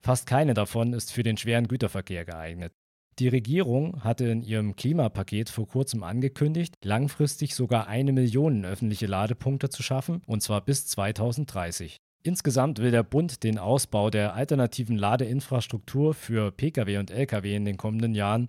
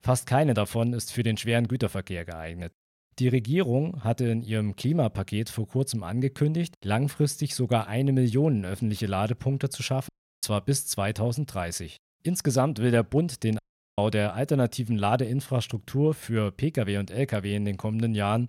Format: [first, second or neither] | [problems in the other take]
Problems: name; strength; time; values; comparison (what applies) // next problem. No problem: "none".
first | audio cutting out; at 10 s and at 14 s